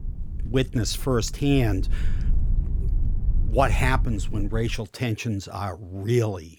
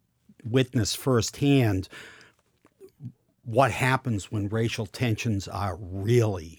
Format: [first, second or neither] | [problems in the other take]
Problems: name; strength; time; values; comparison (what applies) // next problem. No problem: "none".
second | low rumble; noticeable; until 5 s; 20 dB below the speech